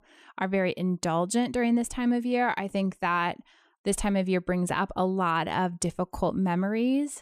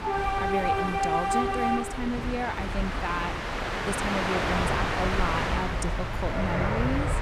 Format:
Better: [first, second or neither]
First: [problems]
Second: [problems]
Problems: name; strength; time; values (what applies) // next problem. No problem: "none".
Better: first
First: none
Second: train or aircraft noise; very loud; throughout; 4 dB above the speech